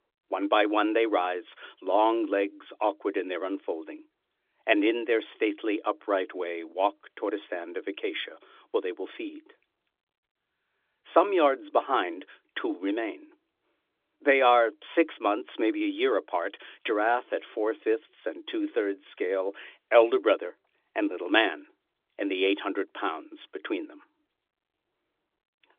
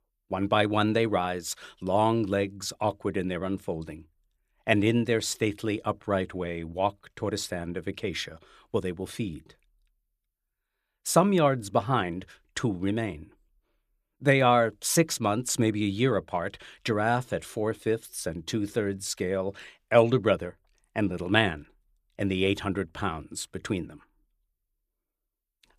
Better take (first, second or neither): second